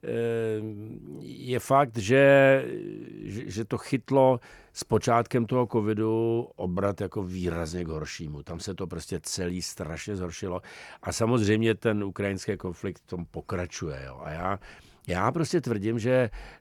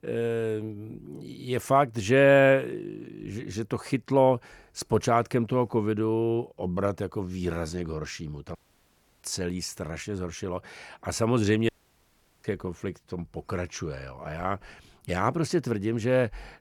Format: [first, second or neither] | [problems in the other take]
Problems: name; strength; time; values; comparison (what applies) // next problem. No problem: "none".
first | audio cutting out; at 8.5 s for 0.5 s and at 12 s for 1 s